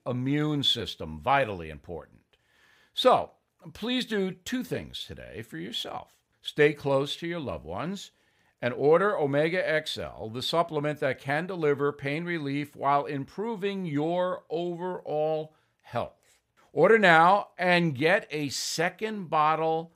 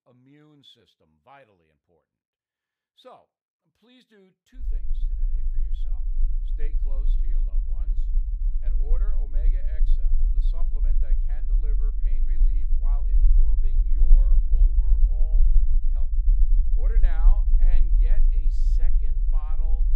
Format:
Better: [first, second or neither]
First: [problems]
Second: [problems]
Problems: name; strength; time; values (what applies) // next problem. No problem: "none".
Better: first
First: none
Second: low rumble; loud; from 4.5 s on; 1 dB below the speech